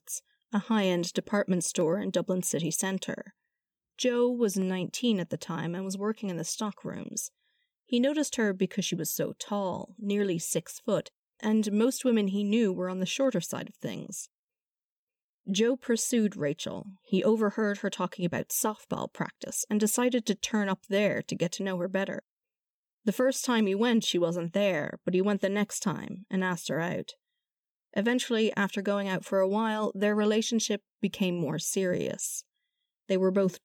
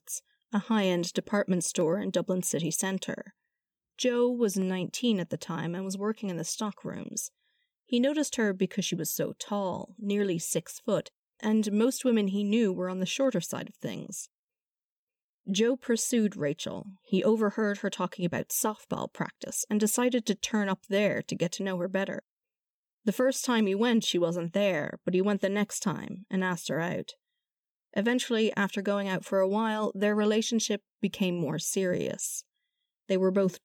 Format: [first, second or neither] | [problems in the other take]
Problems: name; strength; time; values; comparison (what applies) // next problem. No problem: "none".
neither | none